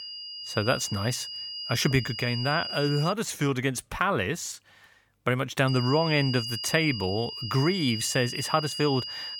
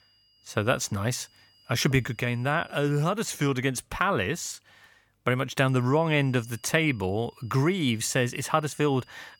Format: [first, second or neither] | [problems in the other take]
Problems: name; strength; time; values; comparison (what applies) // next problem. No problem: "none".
second | high-pitched whine; loud; until 3 s and from 5.5 s on; 5 kHz, 6 dB below the speech; faint in the second